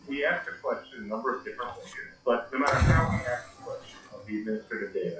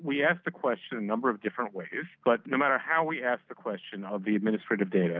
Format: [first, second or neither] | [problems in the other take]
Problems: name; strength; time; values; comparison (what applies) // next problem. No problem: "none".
second | noise reduction (classical method WPE with log-MMSE)